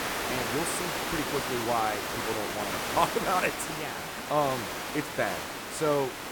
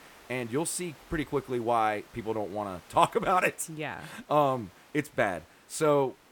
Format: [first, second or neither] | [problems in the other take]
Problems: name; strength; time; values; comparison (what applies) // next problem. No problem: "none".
second | hiss; loud; throughout; 1 dB below the speech; faint in the second